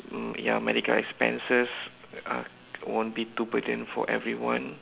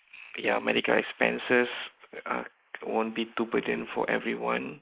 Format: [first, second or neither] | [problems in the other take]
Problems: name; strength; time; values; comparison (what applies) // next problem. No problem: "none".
first | noise reduction (neural mask model Resemble Enhance denoiser)